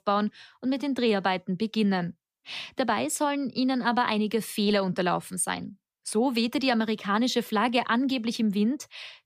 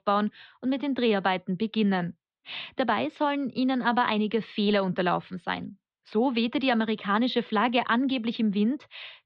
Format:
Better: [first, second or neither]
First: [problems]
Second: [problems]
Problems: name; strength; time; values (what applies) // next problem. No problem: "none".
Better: first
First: none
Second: muffled; slightly; fading above 3.5 kHz